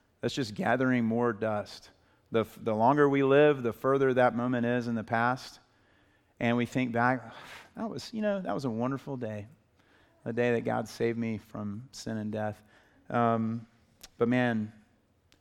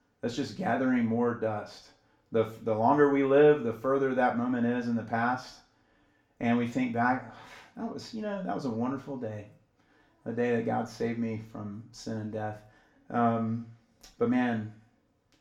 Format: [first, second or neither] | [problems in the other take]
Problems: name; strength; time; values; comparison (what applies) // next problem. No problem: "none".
first | room echo; slight; dies away in 0.3 s // off-mic speech; far